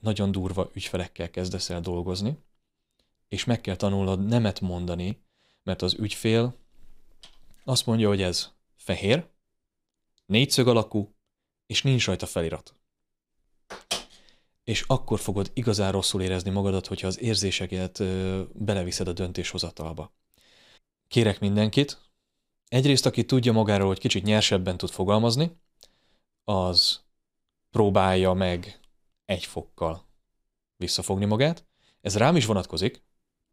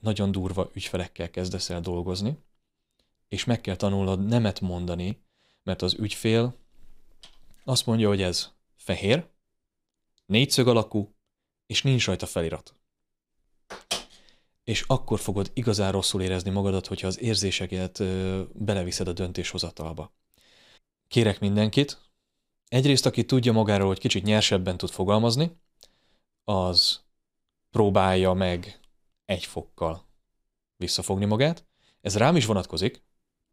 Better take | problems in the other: neither | none

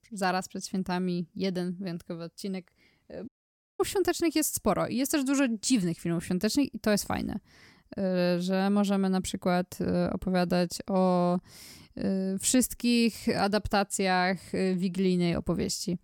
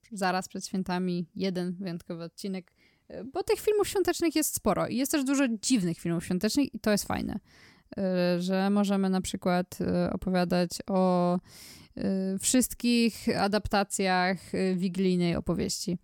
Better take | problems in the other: second | audio cutting out; at 3.5 s for 0.5 s

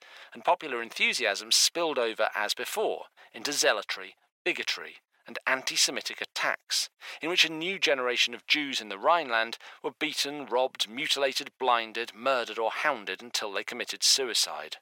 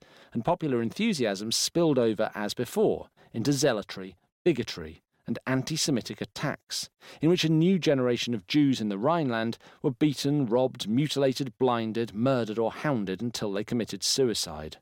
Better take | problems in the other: second | thin; very; fading below 800 Hz

